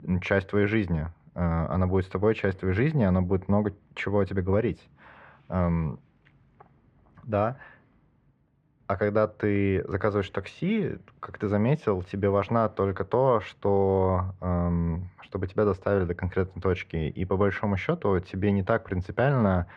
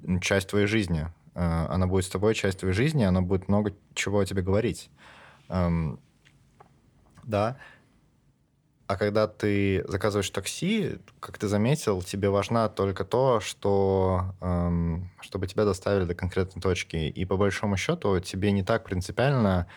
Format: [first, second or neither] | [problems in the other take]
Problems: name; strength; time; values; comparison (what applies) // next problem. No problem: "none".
second | muffled; very; fading above 1.5 kHz